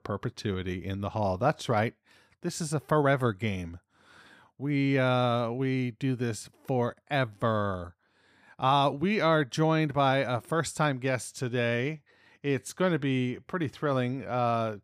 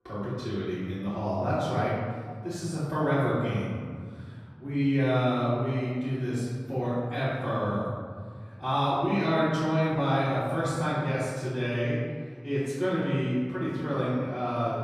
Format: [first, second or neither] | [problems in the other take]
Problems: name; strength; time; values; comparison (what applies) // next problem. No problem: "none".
first | room echo; strong; dies away in 1.9 s // off-mic speech; far